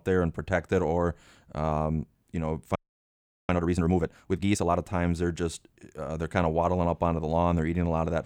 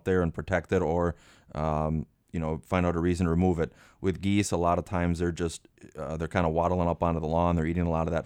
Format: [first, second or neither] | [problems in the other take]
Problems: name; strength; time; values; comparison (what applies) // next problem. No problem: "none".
second | audio freezing; at 3 s for 0.5 s